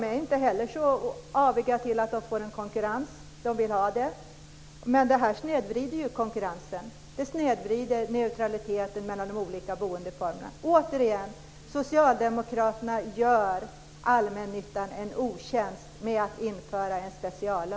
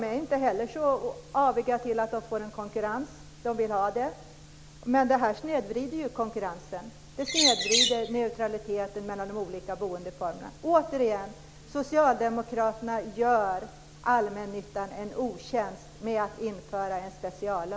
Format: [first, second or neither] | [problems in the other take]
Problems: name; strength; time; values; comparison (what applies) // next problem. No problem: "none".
first | background sound (Bird); 3 dB above the speech